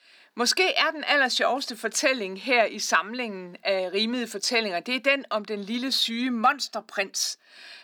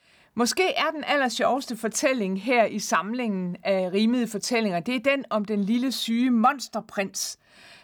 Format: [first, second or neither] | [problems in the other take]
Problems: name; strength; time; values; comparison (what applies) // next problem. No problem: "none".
second | thin; very slightly; fading below 250 Hz